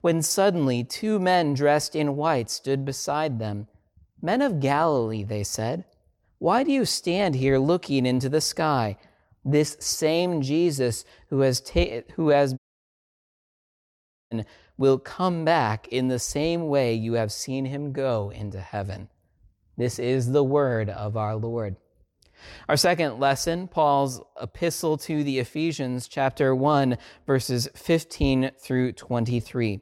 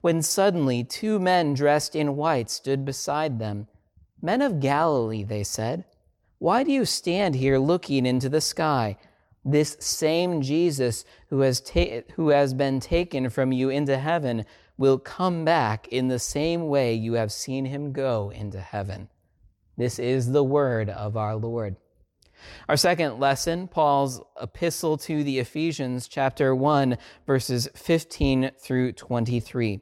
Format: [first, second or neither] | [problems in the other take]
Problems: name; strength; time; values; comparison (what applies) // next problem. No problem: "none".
second | audio cutting out; at 13 s for 1.5 s